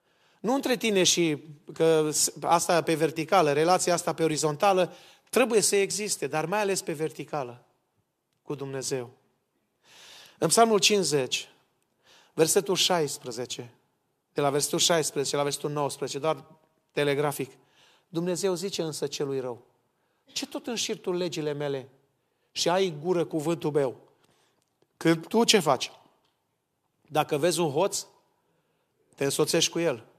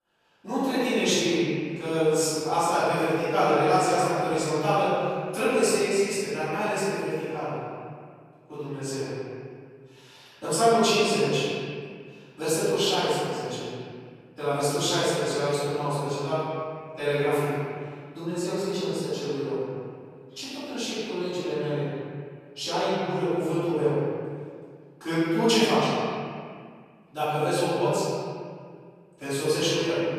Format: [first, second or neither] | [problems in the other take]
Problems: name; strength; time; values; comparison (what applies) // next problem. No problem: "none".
first | off-mic speech; far // room echo; strong; dies away in 2.1 s